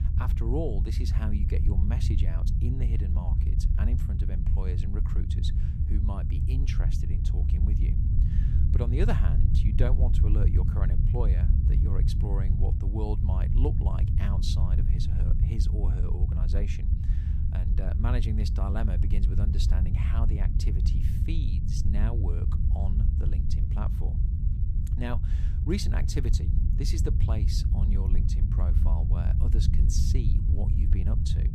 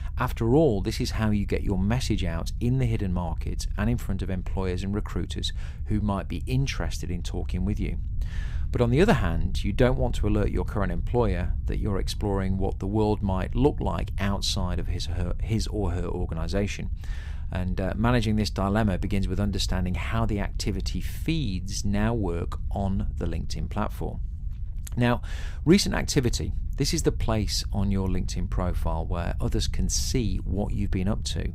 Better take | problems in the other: second | low rumble; loud; throughout; 2 dB below the speech; faint in the second

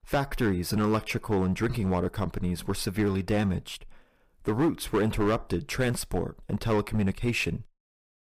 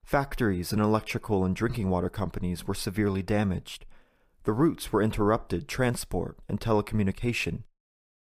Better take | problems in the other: second | distortion; slight; 5% of the sound clipped

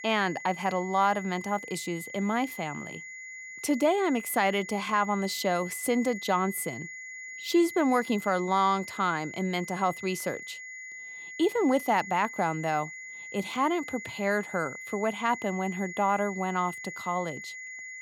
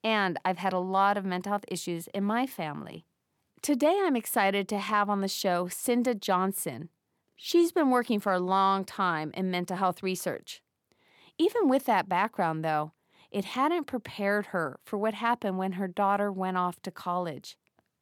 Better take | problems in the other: second | high-pitched whine; noticeable; throughout; 2 kHz, 10 dB below the speech

